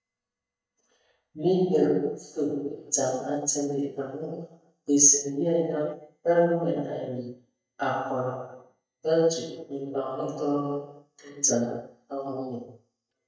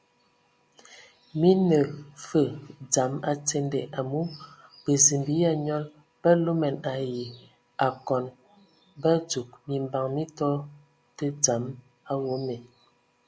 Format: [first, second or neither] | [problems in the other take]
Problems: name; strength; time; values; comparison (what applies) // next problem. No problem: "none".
second | noise reduction (neural mask model DeepFilterNet 3)